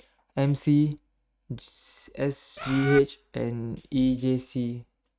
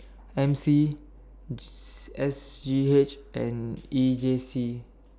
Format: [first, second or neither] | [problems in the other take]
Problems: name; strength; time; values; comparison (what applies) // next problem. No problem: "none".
second | noise reduction (neural mask model RNNoise)